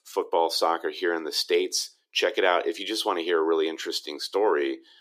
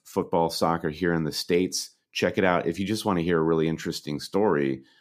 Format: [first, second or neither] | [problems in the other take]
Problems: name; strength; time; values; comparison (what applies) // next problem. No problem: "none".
second | thin; very; fading below 350 Hz